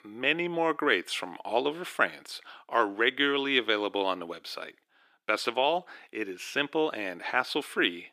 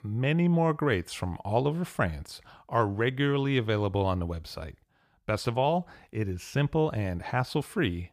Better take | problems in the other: second | thin; somewhat; fading below 300 Hz

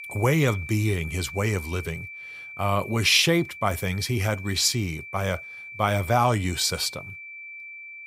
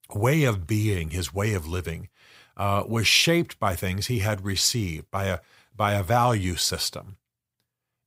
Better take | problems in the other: second | high-pitched whine; noticeable; throughout; 2.5 kHz, 15 dB below the speech

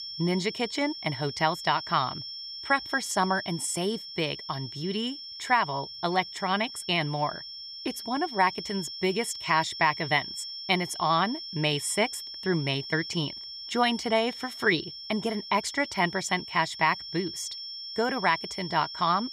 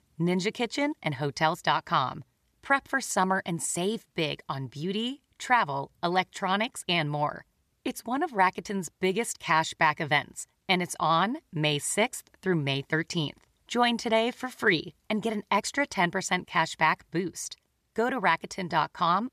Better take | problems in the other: second | high-pitched whine; loud; throughout; 5.5 kHz, 9 dB below the speech

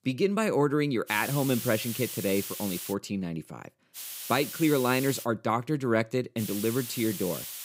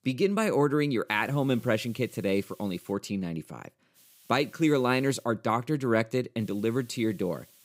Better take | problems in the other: second | hiss; loud; from 1 to 3 s, from 4 to 5 s and from 6.5 s on; 8 dB below the speech; faint in the second

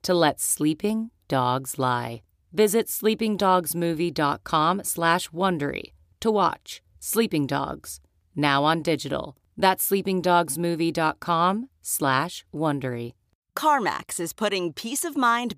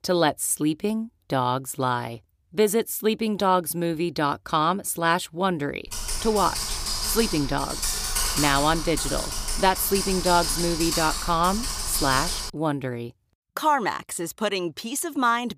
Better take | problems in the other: first | keyboard typing; loud; from 6 to 13 s; peak 2 dB above the speech

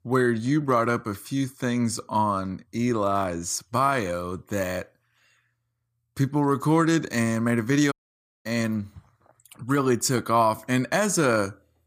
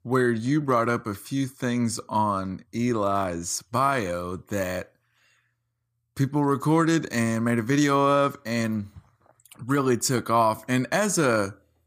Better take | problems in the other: second | audio cutting out; at 8 s for 0.5 s

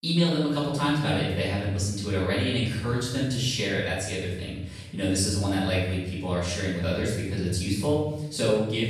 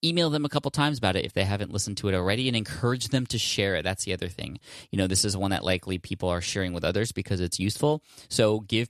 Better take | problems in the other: second | off-mic speech; far // room echo; noticeable; dies away in 0.9 s

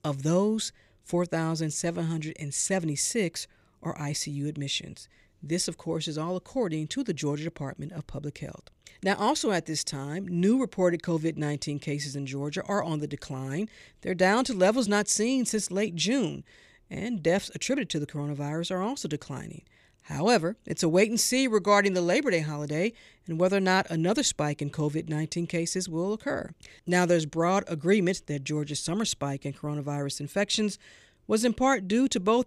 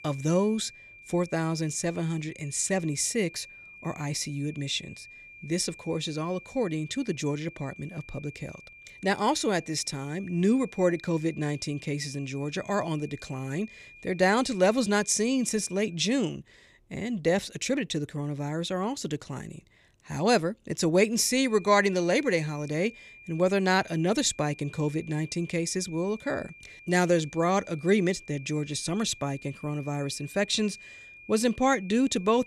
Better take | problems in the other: first | high-pitched whine; noticeable; until 16 s and from 21 s on; 2.5 kHz, 20 dB below the speech

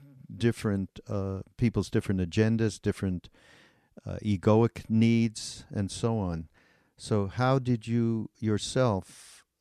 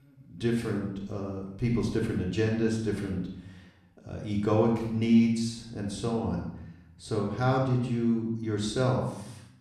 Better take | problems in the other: first | off-mic speech; far // room echo; noticeable; dies away in 0.7 s

